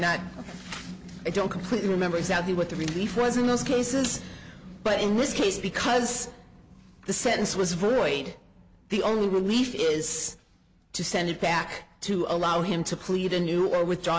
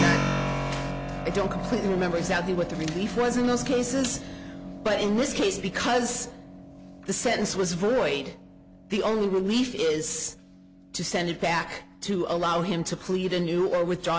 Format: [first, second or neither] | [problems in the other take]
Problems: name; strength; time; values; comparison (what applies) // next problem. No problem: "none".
first | background sound (Keyboard (musical)); 8 dB below the speech